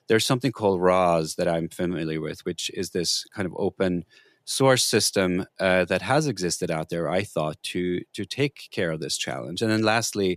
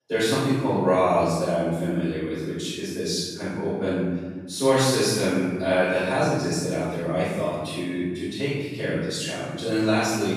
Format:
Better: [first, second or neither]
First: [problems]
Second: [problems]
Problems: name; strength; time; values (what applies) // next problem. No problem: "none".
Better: first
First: none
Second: off-mic speech; far // room echo; strong; dies away in 1.4 s